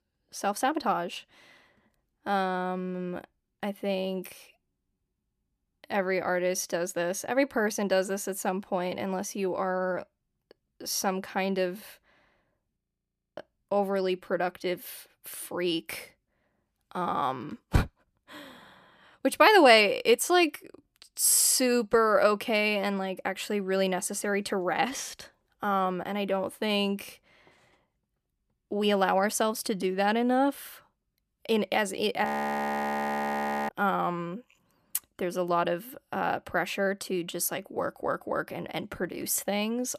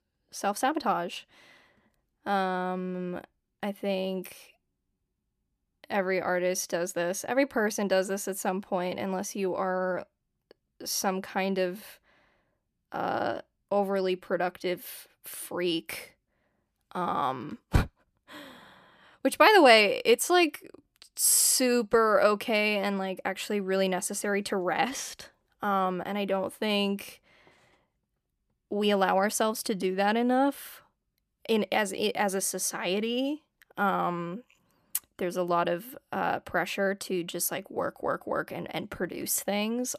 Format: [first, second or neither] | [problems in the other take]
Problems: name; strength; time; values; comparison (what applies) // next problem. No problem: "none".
second | audio freezing; at 13 s for 0.5 s and at 32 s for 1.5 s